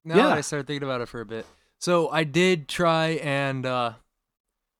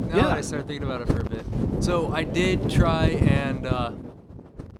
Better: first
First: none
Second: wind noise on the microphone; heavy; 5 dB below the speech

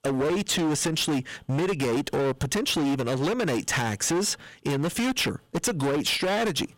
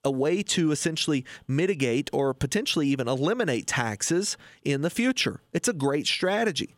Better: second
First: distortion; heavy; 28% of the sound clipped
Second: none

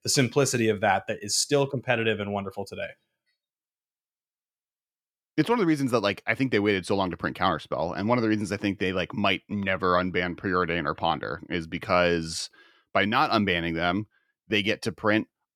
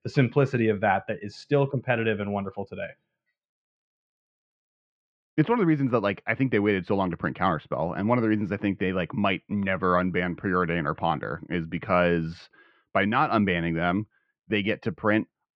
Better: first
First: none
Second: muffled; very; fading above 2.5 kHz

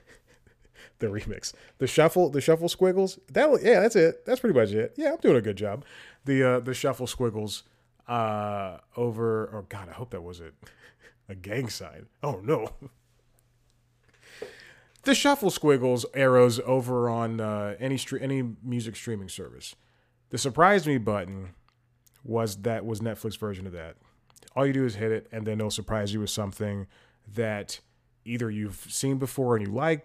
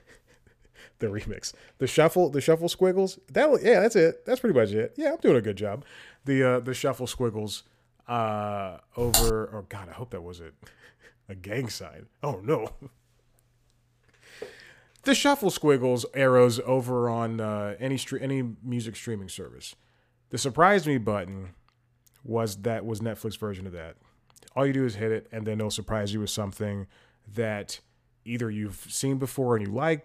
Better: first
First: none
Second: keyboard typing; loud; at 9 s; peak 3 dB above the speech

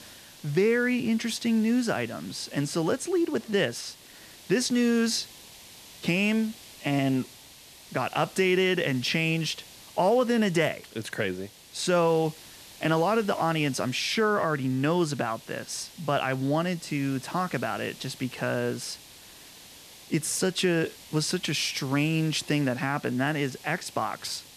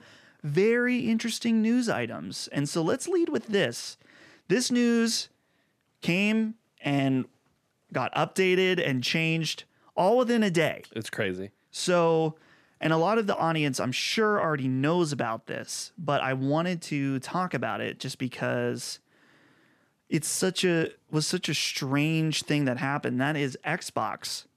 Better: second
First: hiss; noticeable; throughout; 20 dB below the speech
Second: none

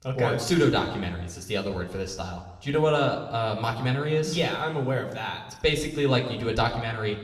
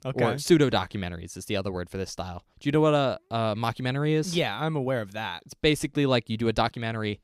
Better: second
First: room echo; slight; dies away in 1 s // off-mic speech; somewhat distant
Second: none

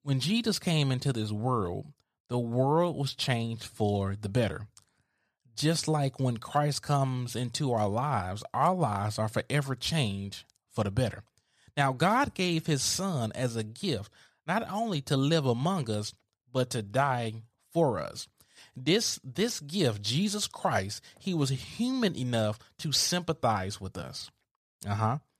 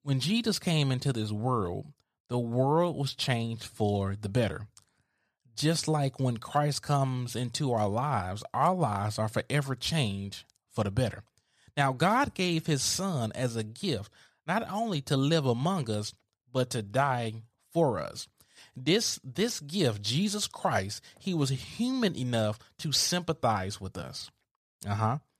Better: neither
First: none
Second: none

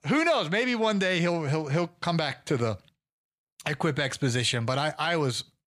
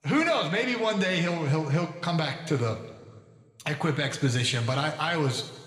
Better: first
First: none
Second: room echo; slight; dies away in 1.4 s

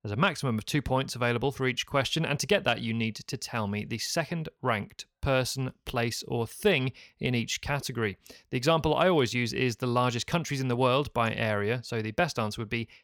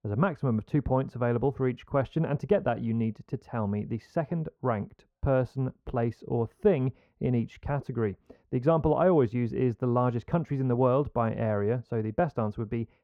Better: first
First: none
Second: muffled; very; fading above 2 kHz

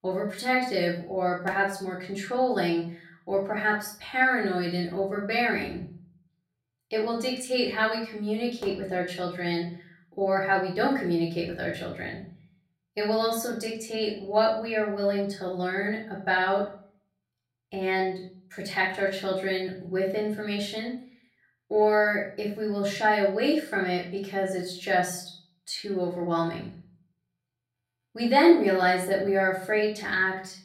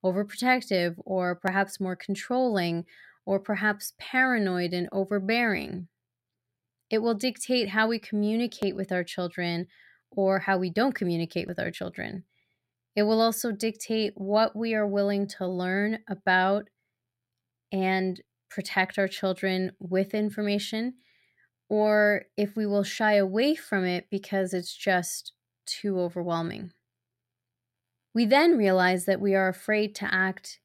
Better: second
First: off-mic speech; far // room echo; slight; dies away in 0.4 s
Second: none

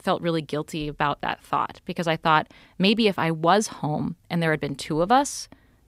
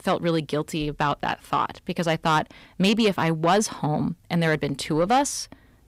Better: first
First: none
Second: distortion; slight; 10 dB below the speech

